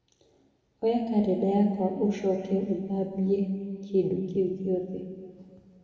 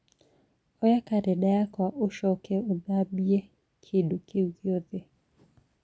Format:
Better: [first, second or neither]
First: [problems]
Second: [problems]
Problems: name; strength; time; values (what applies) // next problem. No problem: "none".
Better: second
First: room echo; dies away in 2.1 s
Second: none